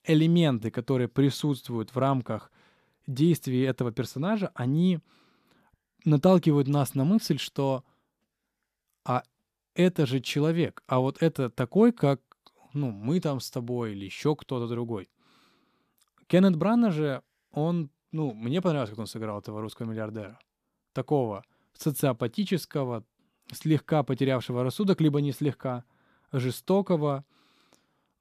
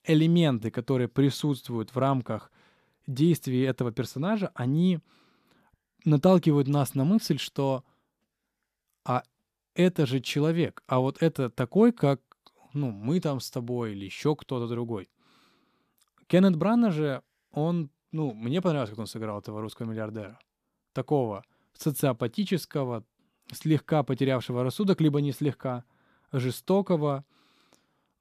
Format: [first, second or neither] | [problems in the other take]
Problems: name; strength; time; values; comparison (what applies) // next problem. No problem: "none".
neither | none